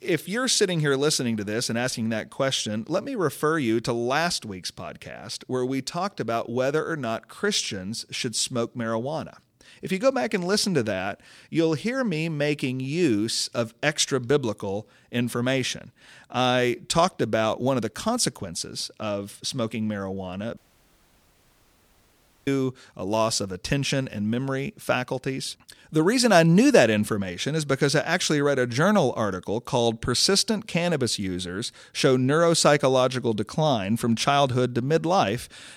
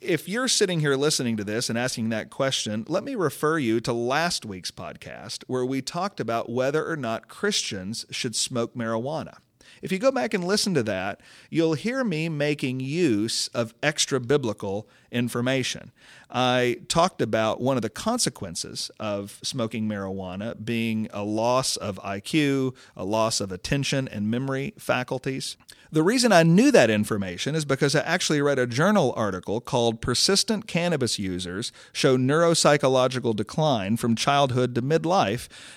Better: second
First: audio cutting out; at 21 s for 2 s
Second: none

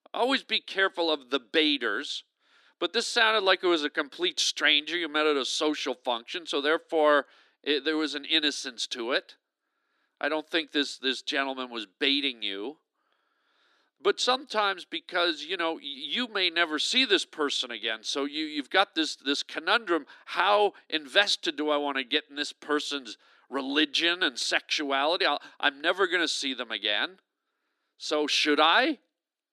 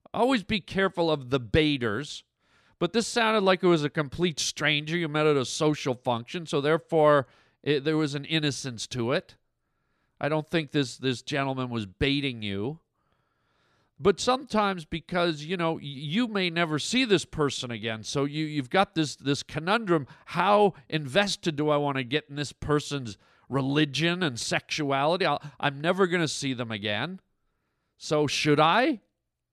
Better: second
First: thin; very slightly; fading below 300 Hz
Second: none

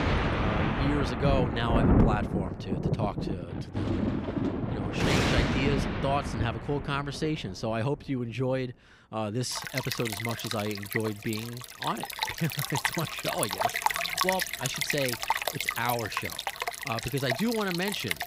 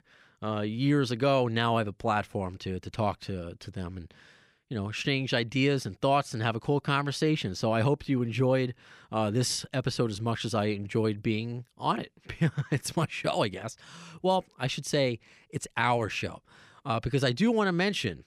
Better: second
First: rain or running water; very loud; throughout; 2 dB above the speech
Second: none

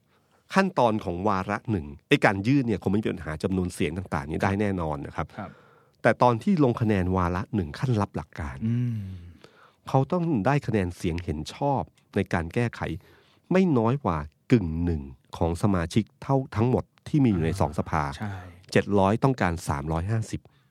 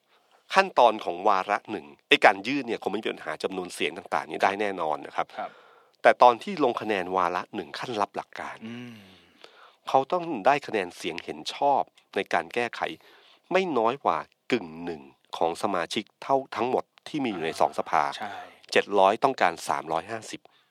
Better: first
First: none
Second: thin; very; fading below 450 Hz

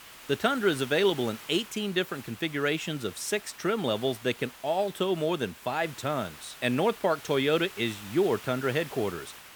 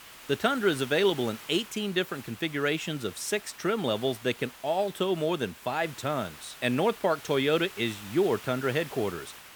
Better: neither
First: hiss; noticeable; throughout; 15 dB below the speech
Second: hiss; noticeable; throughout; 15 dB below the speech

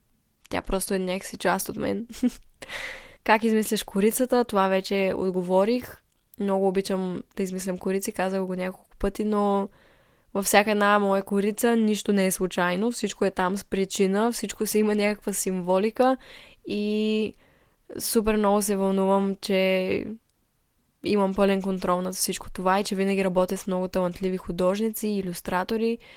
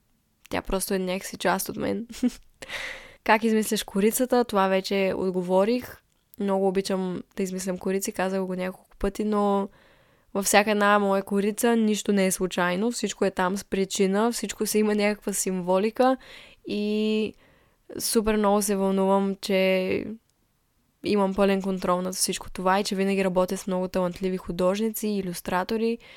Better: second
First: garbled, watery; slightly; nothing above 15.5 kHz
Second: none

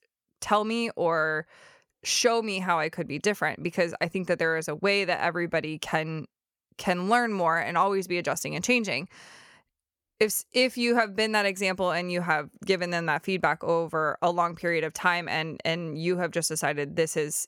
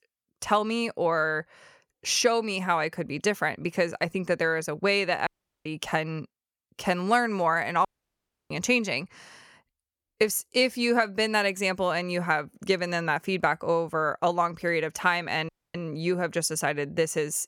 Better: first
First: none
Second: audio cutting out; at 5.5 s, at 8 s for 0.5 s and at 15 s

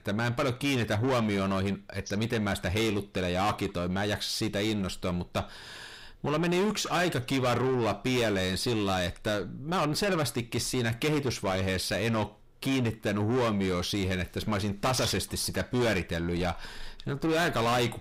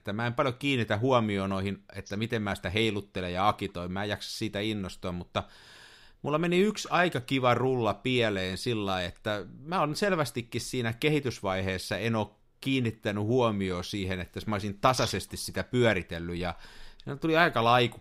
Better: second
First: distortion; heavy; 6 dB below the speech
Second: none

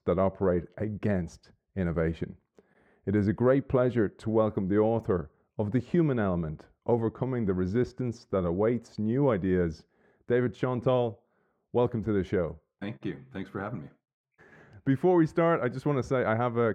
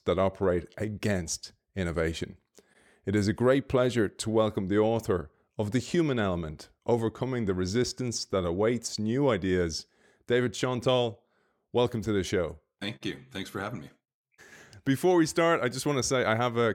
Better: second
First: muffled; very; fading above 3 kHz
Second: none

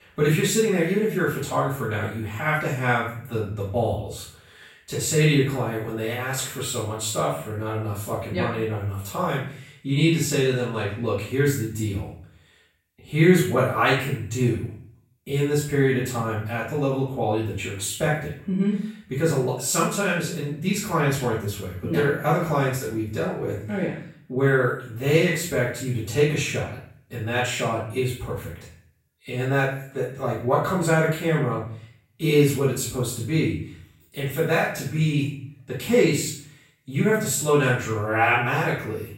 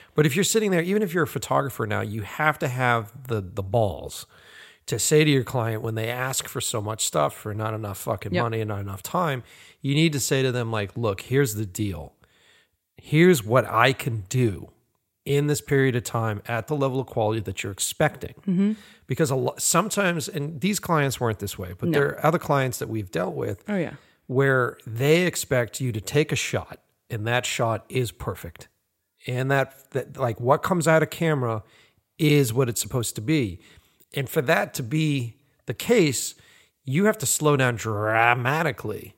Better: second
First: off-mic speech; far // room echo; noticeable; dies away in 0.5 s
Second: none

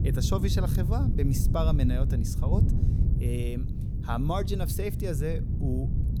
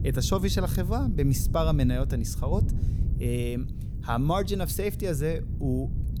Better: second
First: wind noise on the microphone; heavy; 6 dB below the speech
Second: wind noise on the microphone; occasional gusts; 15 dB below the speech

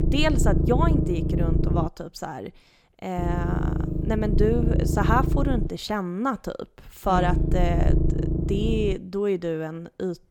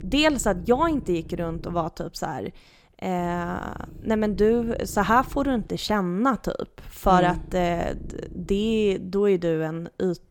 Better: second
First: low rumble; loud; until 2 s, from 3 to 5.5 s and from 7 to 9 s; 5 dB below the speech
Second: low rumble; faint; until 2 s, from 3 to 5.5 s and from 7 to 9 s; 25 dB below the speech

